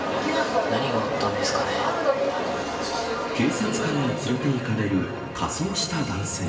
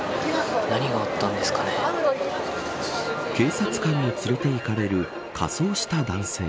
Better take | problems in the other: second | background sound (Keyboard (musical)); 13 dB below the speech // room echo; dies away in 2.7 s

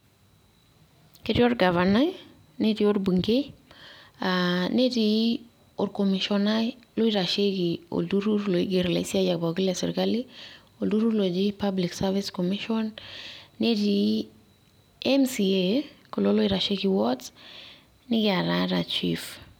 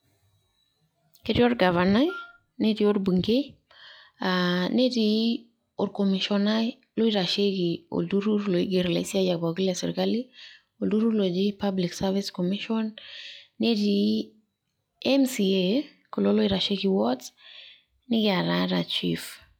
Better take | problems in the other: first | noise reduction (classical method log-MMSE)

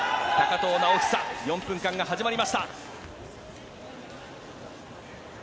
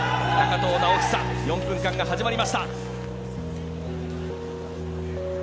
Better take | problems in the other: first | background sound (Piano); 3 dB below the speech

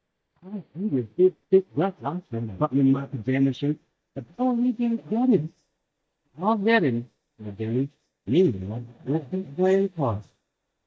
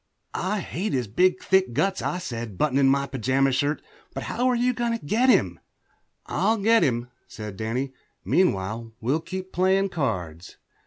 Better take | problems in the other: second | noise reduction (neural mask model DeepFilterNet 3)

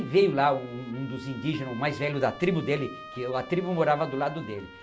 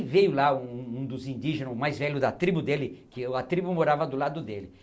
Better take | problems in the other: second | background sound (Trumpet); 17 dB below the speech

